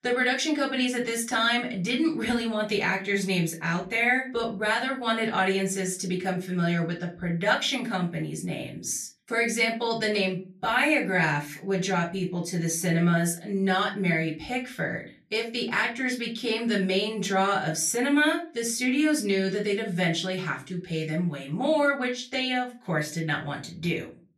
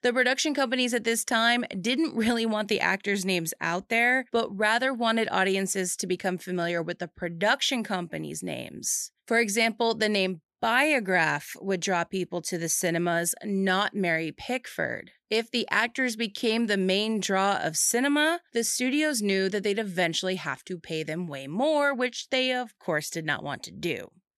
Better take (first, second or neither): second